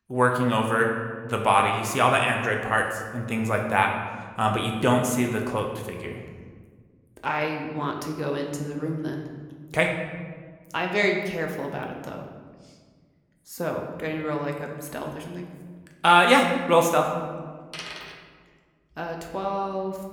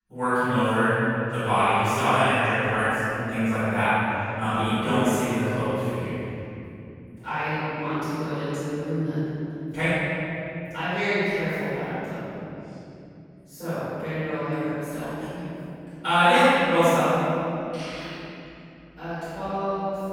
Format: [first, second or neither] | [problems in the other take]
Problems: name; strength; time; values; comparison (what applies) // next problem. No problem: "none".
first | room echo; strong; dies away in 3 s; slight in the first // off-mic speech; far